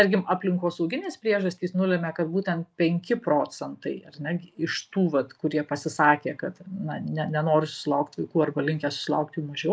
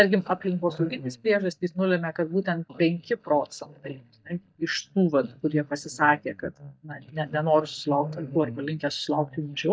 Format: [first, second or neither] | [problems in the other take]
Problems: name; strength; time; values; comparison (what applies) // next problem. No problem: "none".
first | noise reduction (neural mask model DeepFilterNet 3)